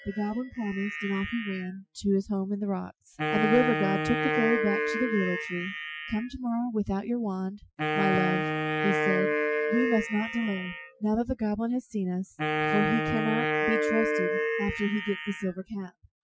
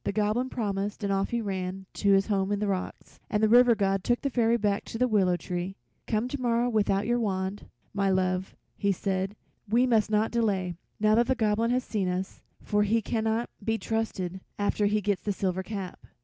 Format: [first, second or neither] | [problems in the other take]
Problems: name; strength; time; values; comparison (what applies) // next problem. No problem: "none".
second | noise reduction (classical method Wiener filter)